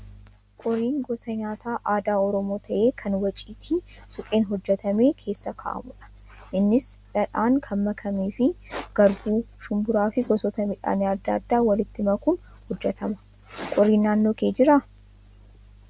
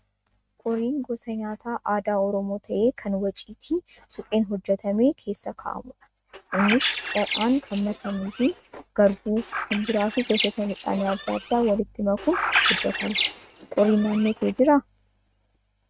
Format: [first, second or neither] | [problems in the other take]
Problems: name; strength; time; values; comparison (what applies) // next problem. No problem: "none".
first | noise reduction (neural mask model RNNoise)